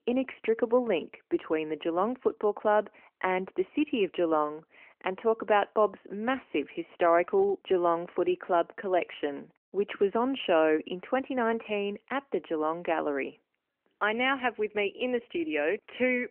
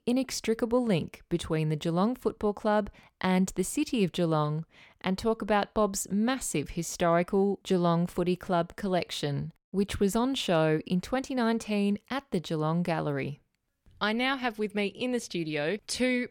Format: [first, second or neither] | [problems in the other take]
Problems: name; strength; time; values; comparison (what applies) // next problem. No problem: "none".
second | phone-call audio; nothing above 3 kHz